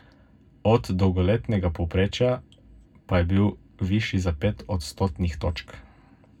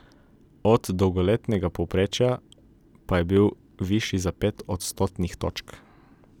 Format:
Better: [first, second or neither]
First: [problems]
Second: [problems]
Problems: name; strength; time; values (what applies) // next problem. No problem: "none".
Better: second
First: room echo; dies away in 0.3 s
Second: none